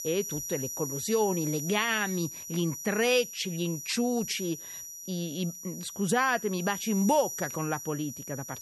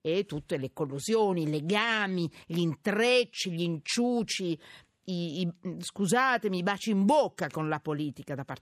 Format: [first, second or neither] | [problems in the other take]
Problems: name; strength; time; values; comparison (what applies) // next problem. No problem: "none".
second | high-pitched whine; loud; throughout; 6 kHz, 7 dB below the speech